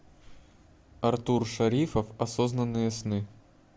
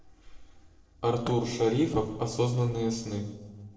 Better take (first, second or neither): first